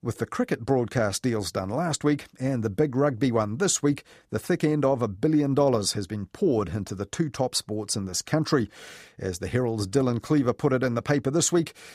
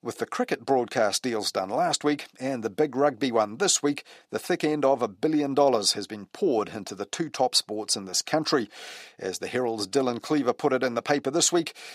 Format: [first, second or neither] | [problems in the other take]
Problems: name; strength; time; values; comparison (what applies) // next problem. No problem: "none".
first | thin; very slightly; fading below 300 Hz